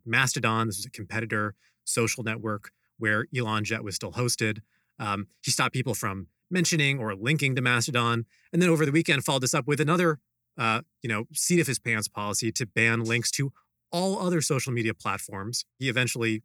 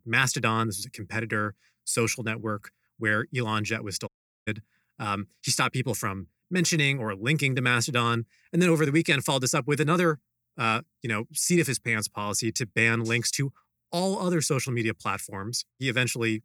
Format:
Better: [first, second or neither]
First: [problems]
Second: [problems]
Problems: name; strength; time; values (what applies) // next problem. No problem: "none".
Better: first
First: none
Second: audio cutting out; at 4 s